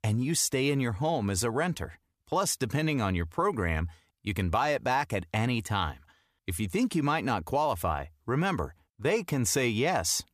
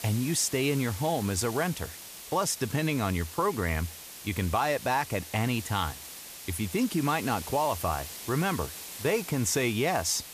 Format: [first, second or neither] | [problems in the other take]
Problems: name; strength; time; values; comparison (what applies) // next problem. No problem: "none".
first | hiss; noticeable; throughout; 10 dB below the speech